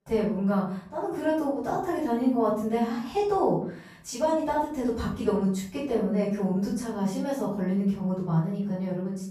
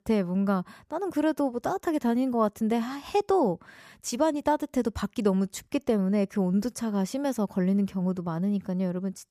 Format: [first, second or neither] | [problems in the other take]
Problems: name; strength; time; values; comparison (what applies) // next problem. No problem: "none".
second | off-mic speech; far // room echo; noticeable; dies away in 0.5 s